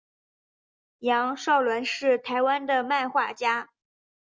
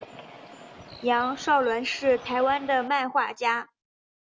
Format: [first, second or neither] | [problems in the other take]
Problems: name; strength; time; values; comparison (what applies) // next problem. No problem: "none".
first | background sound (Bird); 18 dB below the speech